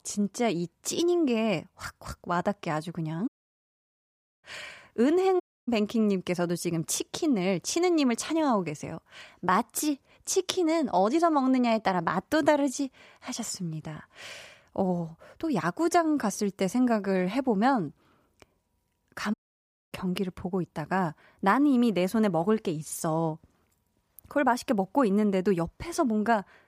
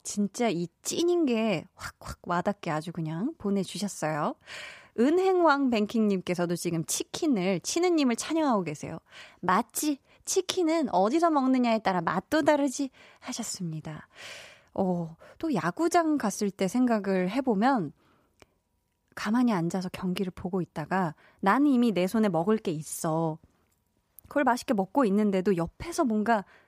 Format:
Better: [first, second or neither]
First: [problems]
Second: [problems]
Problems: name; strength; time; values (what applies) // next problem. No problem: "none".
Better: second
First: audio cutting out; at 3.5 s for 1 s, at 5.5 s and at 19 s for 0.5 s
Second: none